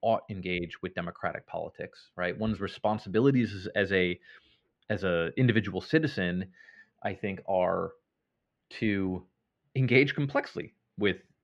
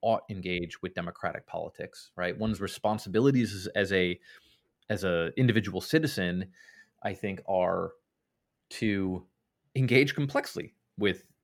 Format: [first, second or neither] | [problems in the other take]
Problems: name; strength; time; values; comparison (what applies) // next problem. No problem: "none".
second | muffled; very slightly; fading above 3 kHz